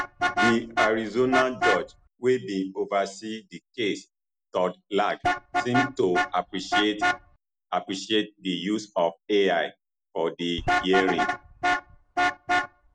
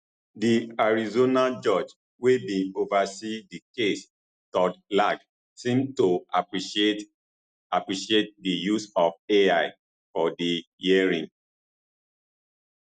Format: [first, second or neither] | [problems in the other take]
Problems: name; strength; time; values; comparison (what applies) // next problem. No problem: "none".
second | background sound (Vehicle horn, car horn, honking); 2 dB below the speech